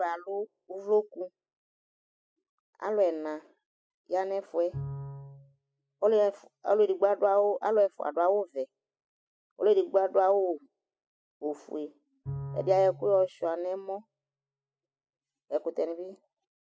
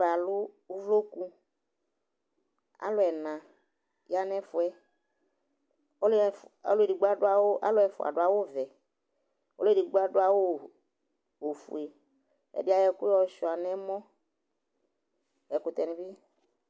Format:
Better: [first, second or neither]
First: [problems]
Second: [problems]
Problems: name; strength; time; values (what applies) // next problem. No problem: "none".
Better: second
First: noise reduction (classical method spectral subtraction)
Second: none